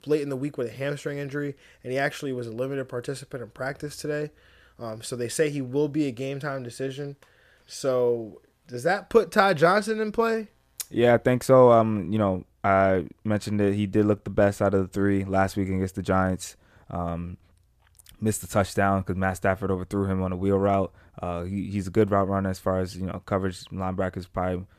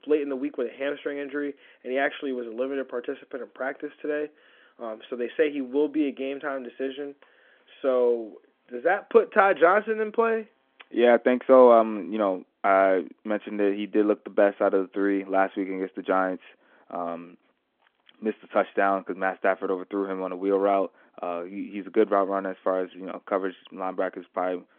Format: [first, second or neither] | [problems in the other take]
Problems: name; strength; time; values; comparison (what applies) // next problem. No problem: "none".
first | phone-call audio; nothing above 3.5 kHz